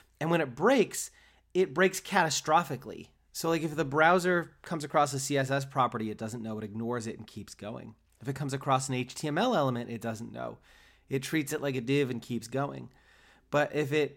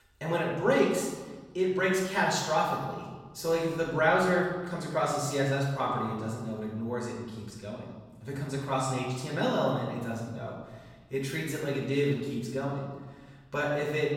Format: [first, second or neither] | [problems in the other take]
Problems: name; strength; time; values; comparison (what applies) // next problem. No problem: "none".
first | room echo; noticeable; dies away in 1.2 s // off-mic speech; far